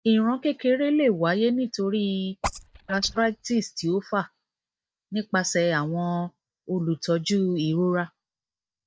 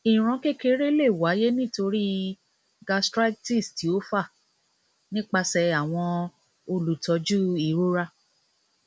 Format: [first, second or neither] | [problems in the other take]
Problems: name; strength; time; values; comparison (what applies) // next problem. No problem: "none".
second | noise reduction (neural mask model DeepFilterNet 3)